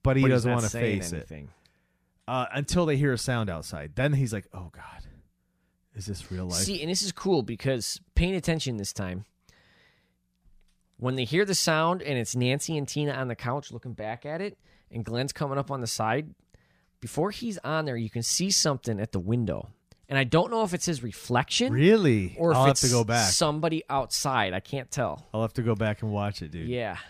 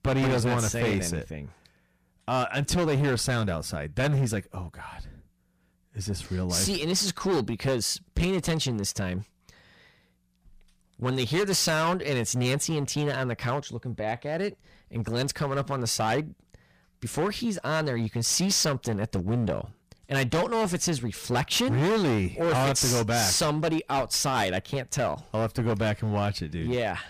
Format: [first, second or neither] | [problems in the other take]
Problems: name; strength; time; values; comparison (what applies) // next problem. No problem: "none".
first | distortion; heavy; 14% of the sound clipped